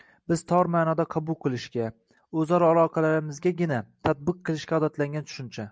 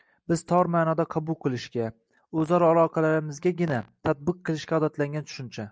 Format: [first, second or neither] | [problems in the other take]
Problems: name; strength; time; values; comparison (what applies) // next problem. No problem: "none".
first | noise reduction (neural mask model DeepFilterNet 3)